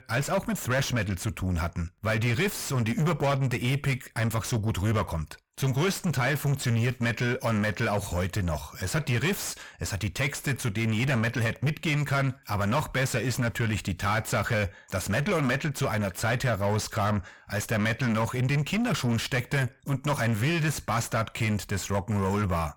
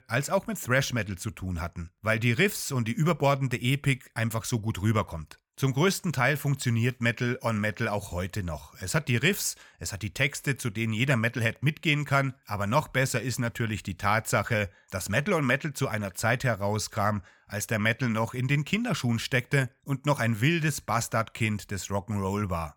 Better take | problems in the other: second | distortion; heavy; 7 dB below the speech

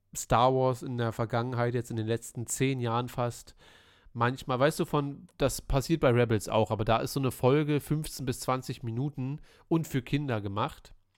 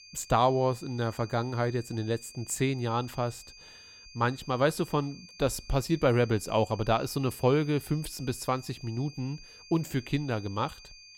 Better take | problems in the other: first | high-pitched whine; noticeable; throughout; 4.5 kHz, 20 dB below the speech

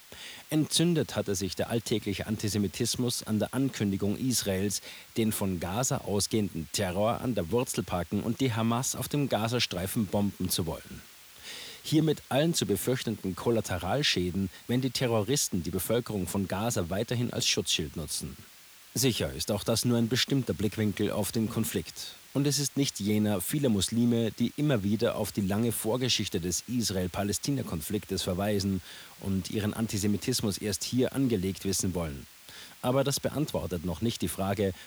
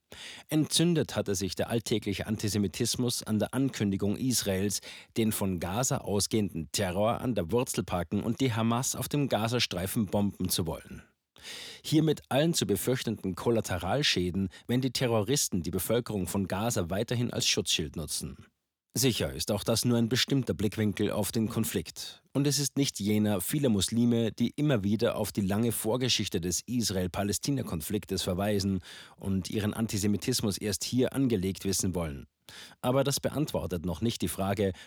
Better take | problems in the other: second | hiss; faint; throughout; 20 dB below the speech

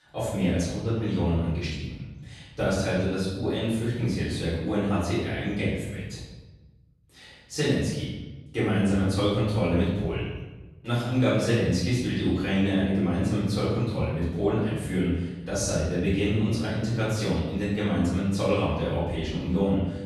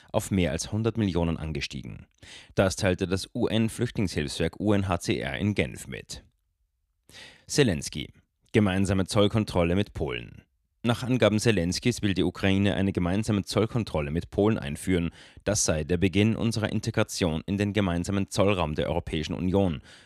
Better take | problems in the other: second | room echo; strong; dies away in 1.1 s // off-mic speech; far

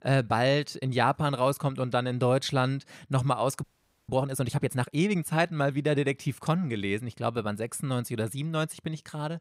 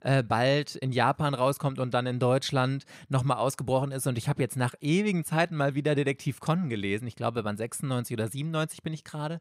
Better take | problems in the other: second | audio freezing; at 3.5 s

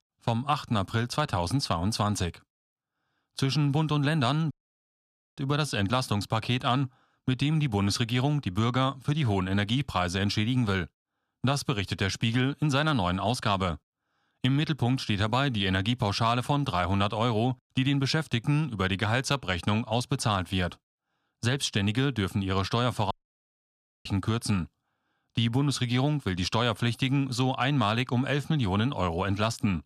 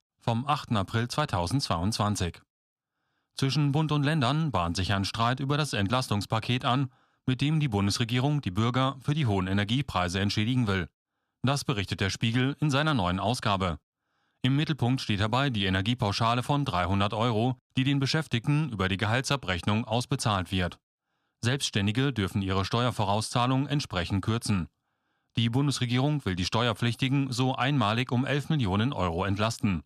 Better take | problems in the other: second | audio cutting out; at 4.5 s for 1 s and at 23 s for 1 s

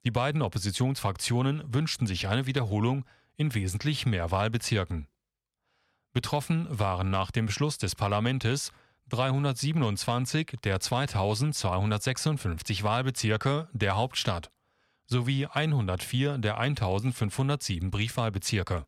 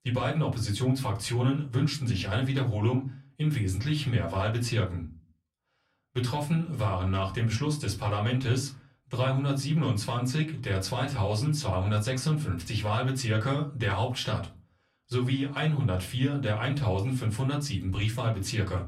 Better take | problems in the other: first | off-mic speech; far // room echo; very slight; dies away in 0.3 s

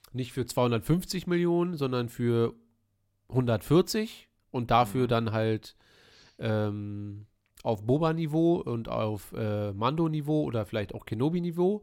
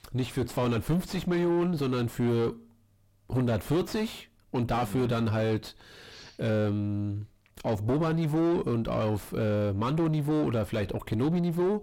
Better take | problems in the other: first | distortion; heavy; 4 dB below the speech

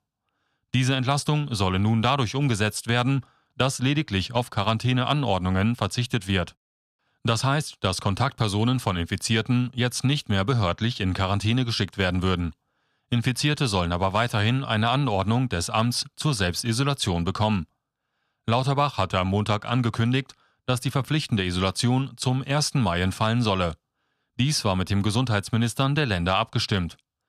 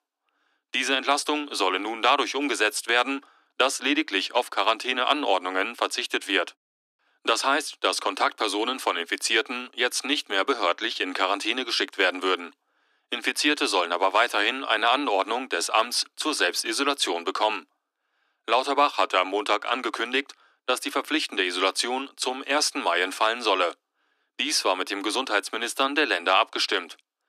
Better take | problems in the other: first | thin; very; fading below 300 Hz

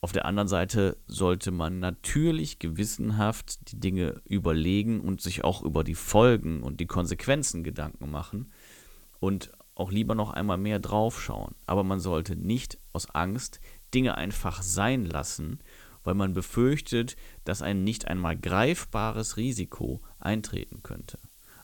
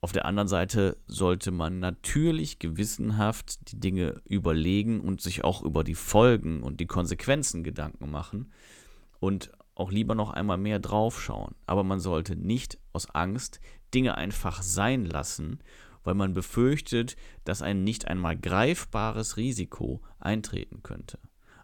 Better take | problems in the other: second | hiss; faint; throughout; 25 dB below the speech

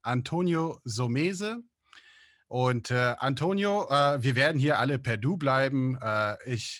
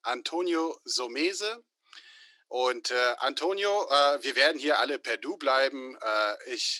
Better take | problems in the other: first | thin; very; fading below 300 Hz

